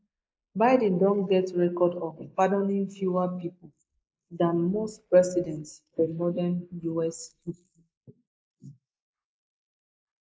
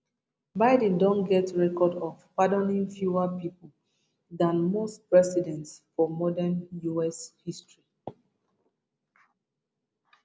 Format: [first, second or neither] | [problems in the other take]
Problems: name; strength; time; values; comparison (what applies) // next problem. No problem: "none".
second | noise reduction (neural mask model Resemble Enhance denoiser)